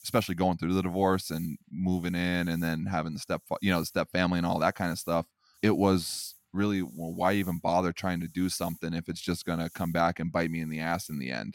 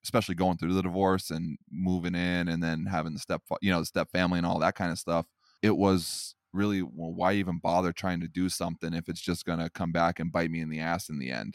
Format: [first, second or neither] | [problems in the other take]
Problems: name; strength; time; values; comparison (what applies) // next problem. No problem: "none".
second | hiss; faint; throughout; 20 dB below the speech